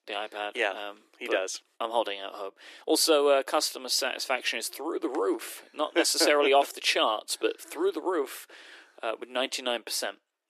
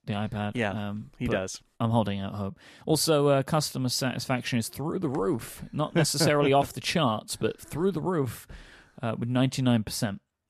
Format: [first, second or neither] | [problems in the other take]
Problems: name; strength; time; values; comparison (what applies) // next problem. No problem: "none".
second | thin; very; fading below 300 Hz